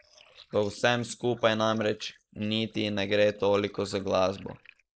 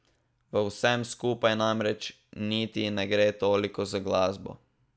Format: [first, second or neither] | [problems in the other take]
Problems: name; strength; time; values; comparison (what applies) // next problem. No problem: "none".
second | noise reduction (neural mask model Resemble Enhance denoiser)